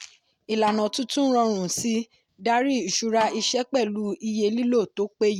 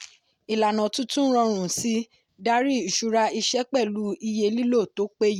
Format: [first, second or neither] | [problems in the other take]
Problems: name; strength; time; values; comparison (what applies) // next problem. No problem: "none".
second | background sound (Snare drum); 18 dB below the speech